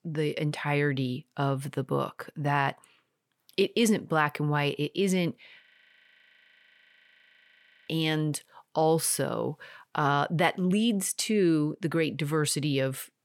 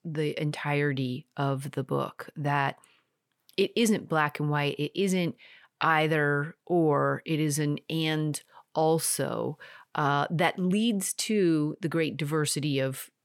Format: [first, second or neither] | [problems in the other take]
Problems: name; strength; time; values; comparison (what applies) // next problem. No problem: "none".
second | audio freezing; at 5.5 s for 2.5 s